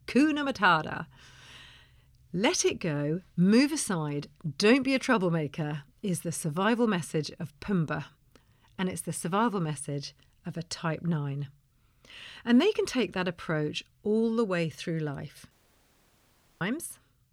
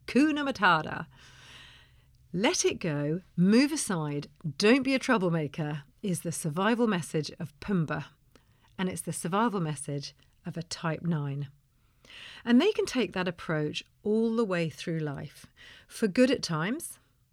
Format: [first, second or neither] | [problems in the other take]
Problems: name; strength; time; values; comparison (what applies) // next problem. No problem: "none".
second | audio cutting out; at 16 s for 1 s